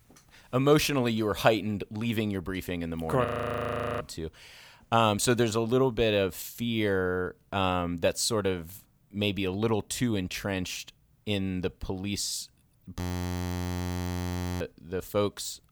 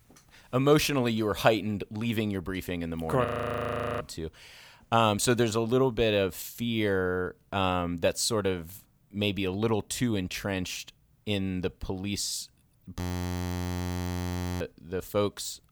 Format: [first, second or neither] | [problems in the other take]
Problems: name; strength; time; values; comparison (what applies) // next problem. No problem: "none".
neither | audio freezing; at 3.5 s for 1 s and at 13 s for 1.5 s; the same in both